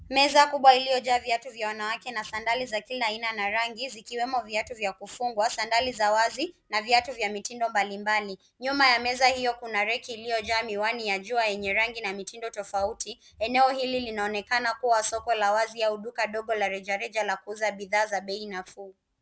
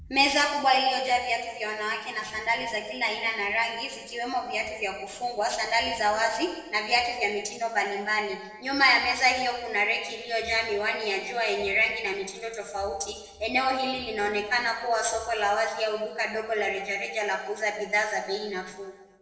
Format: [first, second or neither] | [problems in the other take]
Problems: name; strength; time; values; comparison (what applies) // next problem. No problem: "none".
first | room echo; dies away in 0.9 s